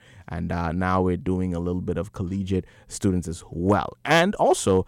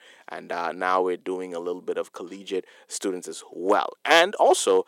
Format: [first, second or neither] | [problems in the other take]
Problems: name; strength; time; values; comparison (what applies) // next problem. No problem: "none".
first | thin; very; fading below 350 Hz